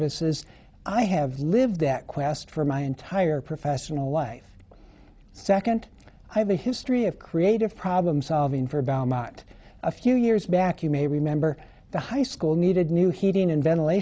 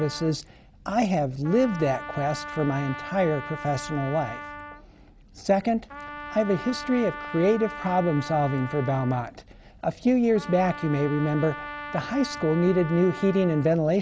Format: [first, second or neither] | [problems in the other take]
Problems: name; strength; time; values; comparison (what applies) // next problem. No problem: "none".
first | background sound (Trumpet); 13 dB below the speech